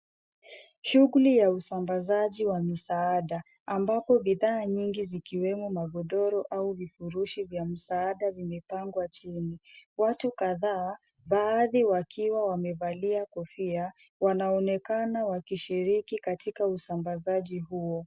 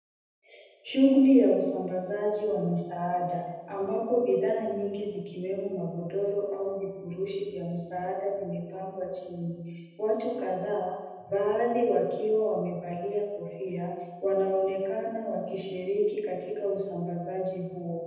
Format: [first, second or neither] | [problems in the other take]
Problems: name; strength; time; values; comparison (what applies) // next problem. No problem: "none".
first | room echo; dies away in 1 s